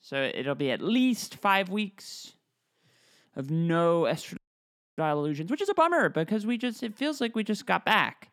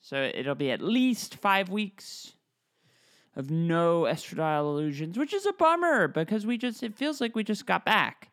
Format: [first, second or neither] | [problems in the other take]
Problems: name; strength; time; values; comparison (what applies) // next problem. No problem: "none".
second | audio freezing; at 4.5 s for 0.5 s